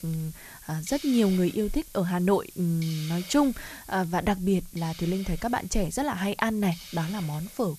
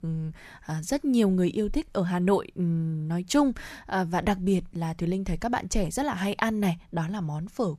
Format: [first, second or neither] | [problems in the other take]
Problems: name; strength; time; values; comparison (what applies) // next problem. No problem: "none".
second | hiss; noticeable; throughout; 15 dB below the speech